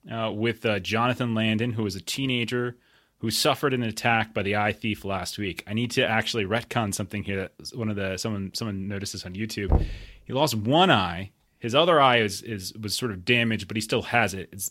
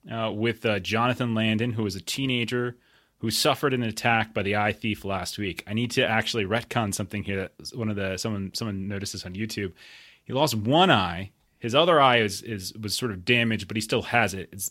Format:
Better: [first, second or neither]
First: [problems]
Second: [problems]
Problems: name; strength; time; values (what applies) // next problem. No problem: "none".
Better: second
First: door banging; noticeable; at 9.5 s; peak 1 dB below the speech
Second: none